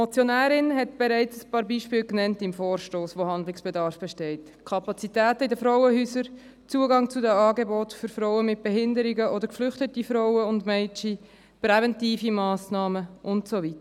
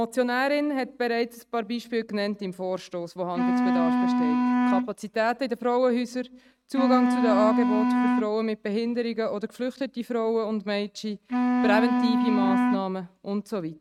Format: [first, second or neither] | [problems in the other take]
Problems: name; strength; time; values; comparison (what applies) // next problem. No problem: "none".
first | noise reduction (neural mask model RNNoise)